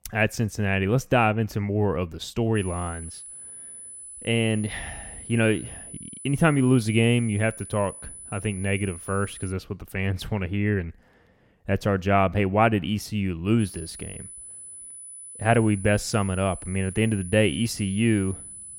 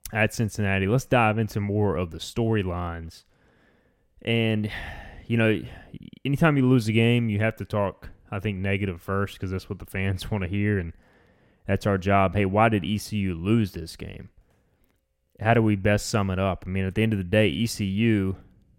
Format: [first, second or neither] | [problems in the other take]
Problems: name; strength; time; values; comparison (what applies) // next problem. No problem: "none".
second | high-pitched whine; noticeable; from 2.5 to 9.5 s and from 14 s on; 10 kHz, 15 dB below the speech